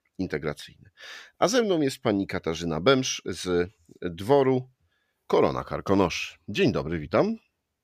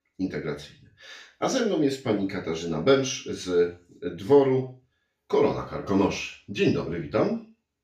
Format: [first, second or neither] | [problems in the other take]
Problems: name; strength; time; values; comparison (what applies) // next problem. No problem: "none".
first | room echo; slight; dies away in 0.4 s // off-mic speech; far